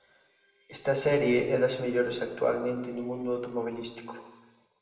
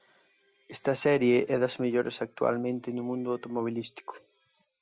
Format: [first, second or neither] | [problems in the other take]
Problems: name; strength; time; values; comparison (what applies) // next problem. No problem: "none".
second | room echo; dies away in 1.2 s